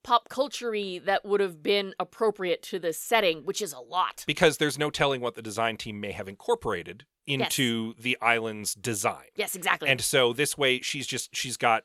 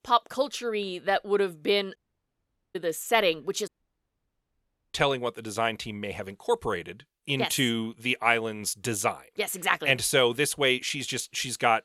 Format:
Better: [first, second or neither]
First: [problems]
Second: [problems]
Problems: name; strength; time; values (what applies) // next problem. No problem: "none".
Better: first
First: none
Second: audio cutting out; at 2 s for 1 s and at 3.5 s for 1 s